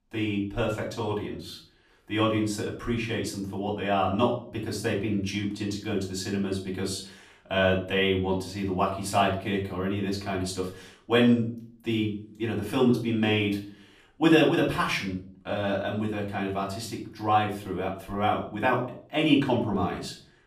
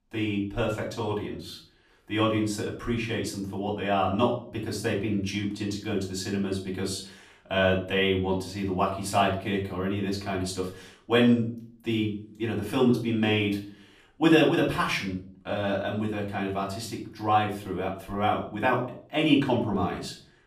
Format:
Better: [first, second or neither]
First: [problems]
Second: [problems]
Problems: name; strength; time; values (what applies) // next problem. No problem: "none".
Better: neither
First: room echo; slight; dies away in 0.4 s // off-mic speech; far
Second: room echo; slight; dies away in 0.4 s // off-mic speech; far